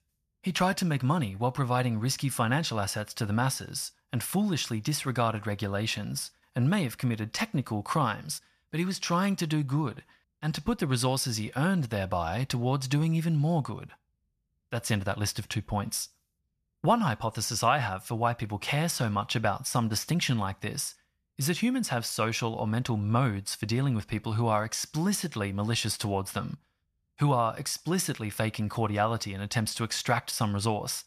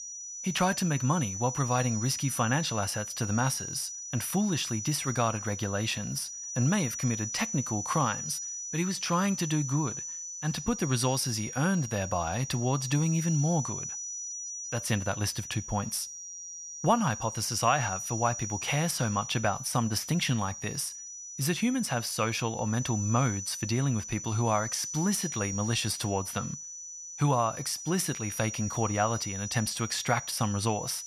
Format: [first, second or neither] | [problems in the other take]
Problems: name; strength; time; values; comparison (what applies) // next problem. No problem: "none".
first | high-pitched whine; loud; throughout; 6 kHz, 6 dB below the speech